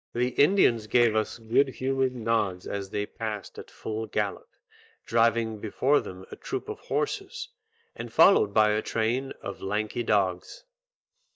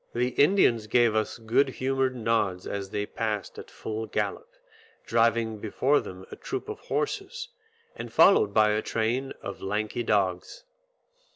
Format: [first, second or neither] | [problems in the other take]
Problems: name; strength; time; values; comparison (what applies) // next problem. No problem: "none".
second | noise reduction (neural mask model DeepFilterNet 3)